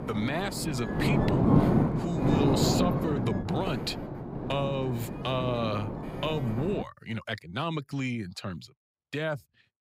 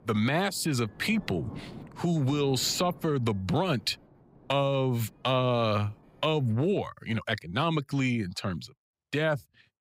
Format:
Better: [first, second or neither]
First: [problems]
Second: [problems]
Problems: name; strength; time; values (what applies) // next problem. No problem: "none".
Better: second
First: wind noise on the microphone; heavy; until 7 s; as loud as the speech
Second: wind noise on the microphone; occasional gusts; until 7 s; 25 dB below the speech